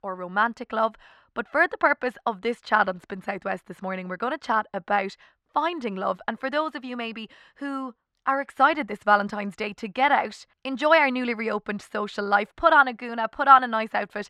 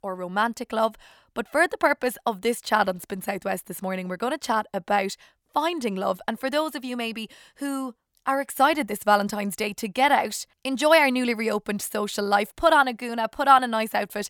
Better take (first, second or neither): second